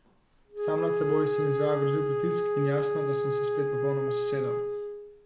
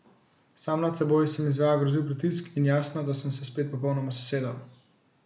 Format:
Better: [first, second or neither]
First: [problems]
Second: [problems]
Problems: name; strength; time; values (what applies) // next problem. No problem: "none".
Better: second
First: background sound (Wind instrument, woodwind instrument); 4 dB above the speech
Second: none